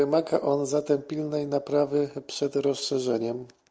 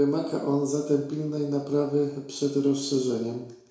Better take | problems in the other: first | room echo; dies away in 0.6 s

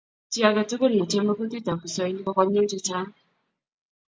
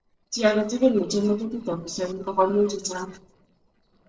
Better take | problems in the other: first | noise reduction (neural separator model SepFormer DNS4)

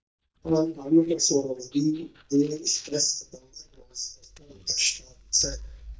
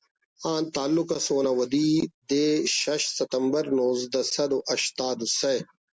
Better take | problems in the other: second | noise reduction (neural mask model DeepFilterNet 3)

